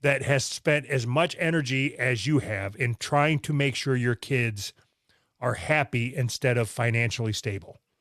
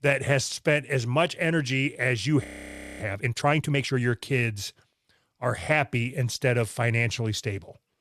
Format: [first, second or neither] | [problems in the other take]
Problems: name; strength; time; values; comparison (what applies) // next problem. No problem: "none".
first | audio freezing; at 2.5 s for 0.5 s